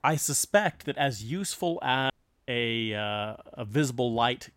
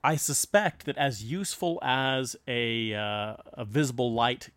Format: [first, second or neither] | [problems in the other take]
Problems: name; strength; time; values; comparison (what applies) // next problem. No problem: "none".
second | audio cutting out; at 2 s